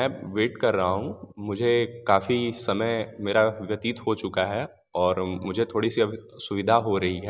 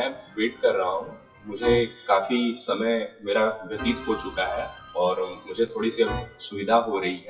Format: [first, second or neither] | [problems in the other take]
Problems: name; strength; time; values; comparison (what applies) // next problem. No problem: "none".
first | noise reduction (classical method WPE with log-MMSE)